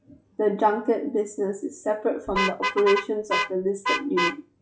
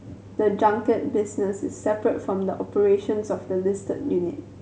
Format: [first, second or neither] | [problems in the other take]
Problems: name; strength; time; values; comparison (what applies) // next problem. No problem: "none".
second | noise reduction (classical method log-MMSE)